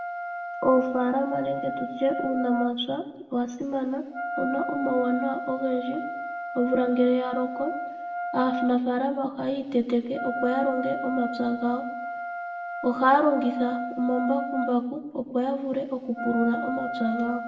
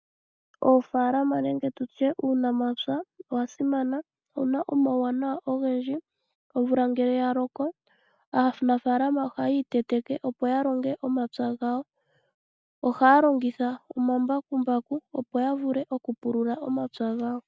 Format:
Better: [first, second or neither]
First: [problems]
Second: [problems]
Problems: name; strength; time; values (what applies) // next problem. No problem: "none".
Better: second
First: background sound (Wind instrument, woodwind instrument); 7 dB below the speech // room echo; dies away in 0.8 s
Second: none